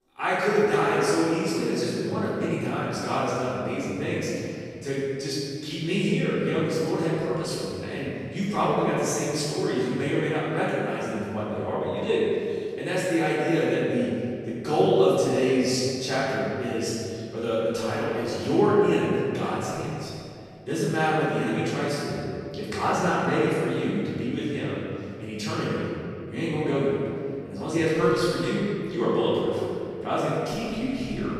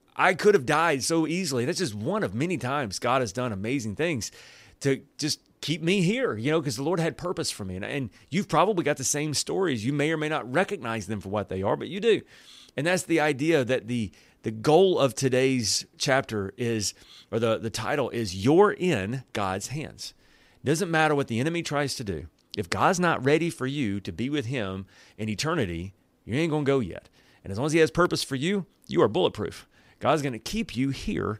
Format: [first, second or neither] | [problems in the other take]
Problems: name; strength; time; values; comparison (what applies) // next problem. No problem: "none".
second | off-mic speech; far // room echo; strong; dies away in 2.2 s